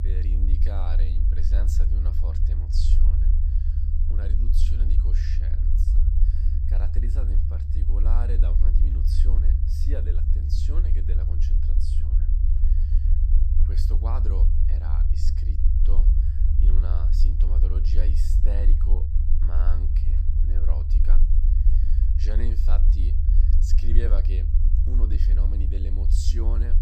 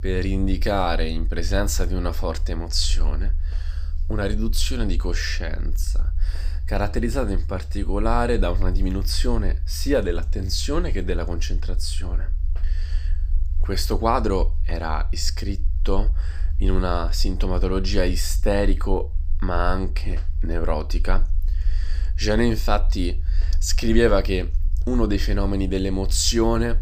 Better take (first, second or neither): second